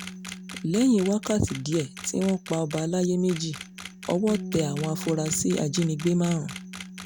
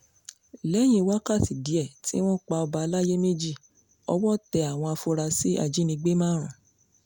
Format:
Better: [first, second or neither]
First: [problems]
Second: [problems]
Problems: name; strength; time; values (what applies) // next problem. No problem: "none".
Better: second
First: background sound (Camera + Bass guitar); 12 dB below the speech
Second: none